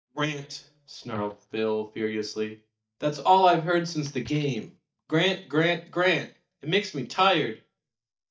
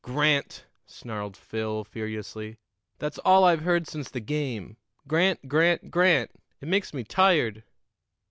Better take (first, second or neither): second